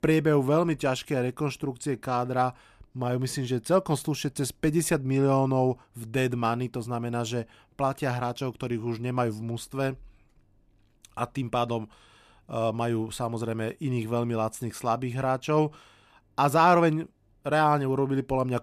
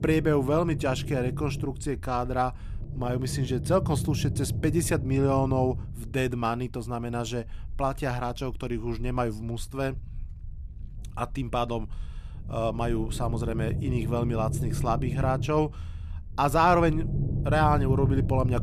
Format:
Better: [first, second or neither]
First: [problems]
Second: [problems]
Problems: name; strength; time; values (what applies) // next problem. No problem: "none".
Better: first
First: none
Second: low rumble; noticeable; throughout; 15 dB below the speech